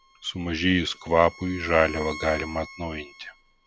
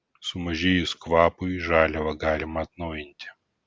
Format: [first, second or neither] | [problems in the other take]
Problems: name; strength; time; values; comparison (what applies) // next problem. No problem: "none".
second | background sound (Bowed string instrument); 17 dB below the speech